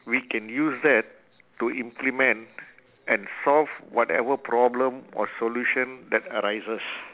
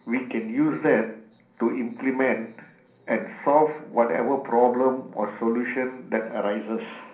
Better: first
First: none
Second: room echo; dies away in 0.6 s

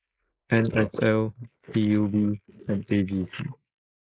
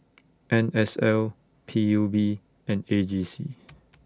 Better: second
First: noise reduction (neural mask model Resemble Enhance denoiser)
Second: none

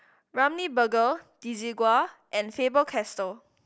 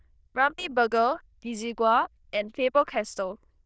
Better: first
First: none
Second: noise reduction (neural diffusion model UNIVERSE++)

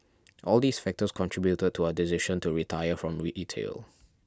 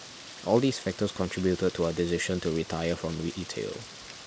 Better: first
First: none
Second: background sound (Rain); 15 dB below the speech

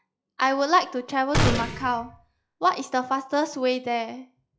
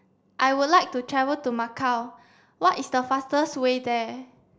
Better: second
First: noise reduction (classical method log-MMSE)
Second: none

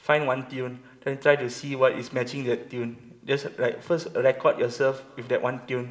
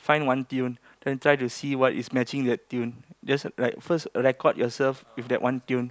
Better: second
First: room echo; dies away in 0.9 s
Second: none

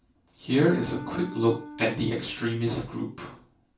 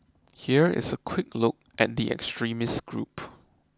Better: second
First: background sound (Wind instrument, woodwind instrument); 14 dB below the speech // room echo; dies away in 0.3 s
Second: none

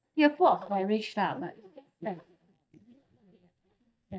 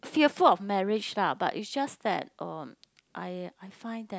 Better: second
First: noise reduction (neural mask model DeepFilterNet 3)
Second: none

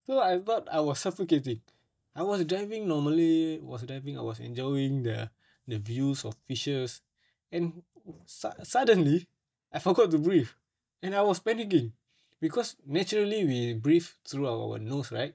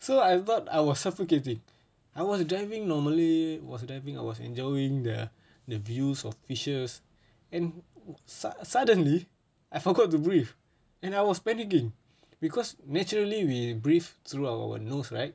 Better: second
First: noise reduction (neural mask model DeepFilterNet 3)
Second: none

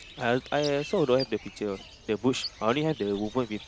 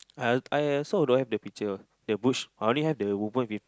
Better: second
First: background sound (Bird); 15 dB below the speech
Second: none

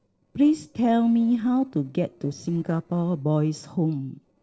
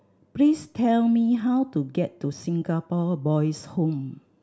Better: second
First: noise reduction (neural separator model SepFormer DNS4)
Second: none

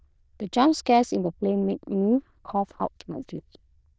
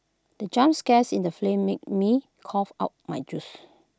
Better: second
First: noise reduction (neural diffusion model UNIVERSE++)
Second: none

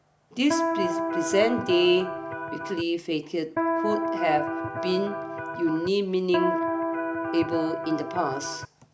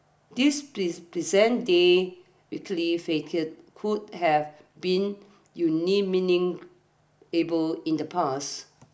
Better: second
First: background sound (Electric guitar); 2 dB below the speech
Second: none

